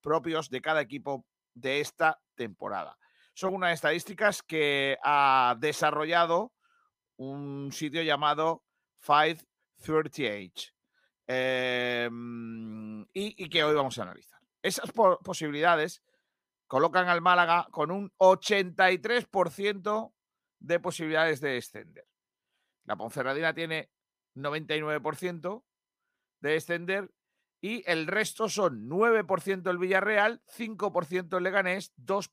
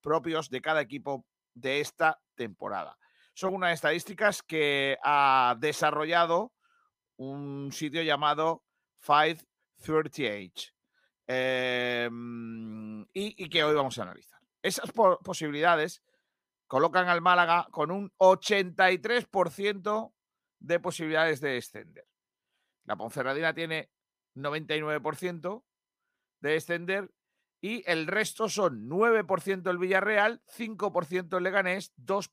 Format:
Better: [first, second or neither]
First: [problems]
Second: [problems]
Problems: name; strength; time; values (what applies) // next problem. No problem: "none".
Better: neither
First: none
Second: none